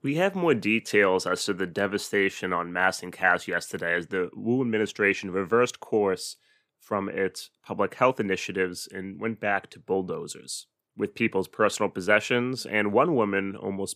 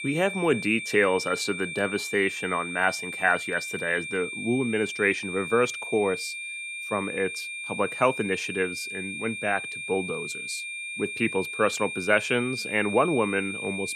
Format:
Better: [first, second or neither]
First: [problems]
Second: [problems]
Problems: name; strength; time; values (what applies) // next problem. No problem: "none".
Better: first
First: none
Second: high-pitched whine; loud; throughout; 2.5 kHz, 6 dB below the speech